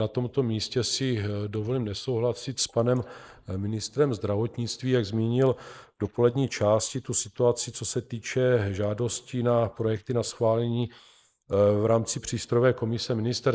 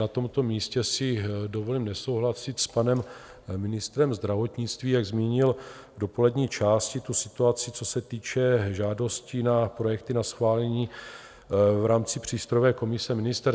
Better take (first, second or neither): second